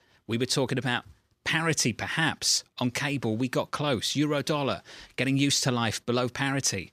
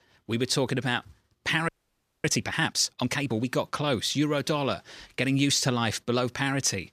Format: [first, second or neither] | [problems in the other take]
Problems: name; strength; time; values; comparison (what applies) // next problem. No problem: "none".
first | audio freezing; at 1.5 s for 0.5 s